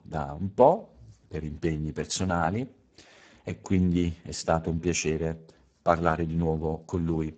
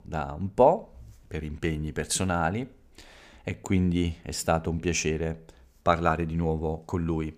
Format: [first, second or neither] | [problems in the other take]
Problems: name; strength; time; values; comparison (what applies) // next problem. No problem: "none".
second | garbled, watery; badly; nothing above 7.5 kHz